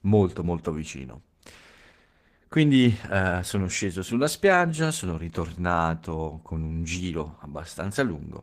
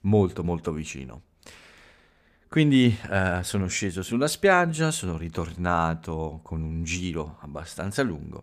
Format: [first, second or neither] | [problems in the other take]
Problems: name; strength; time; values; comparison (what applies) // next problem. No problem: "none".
second | garbled, watery; slightly; nothing above 15 kHz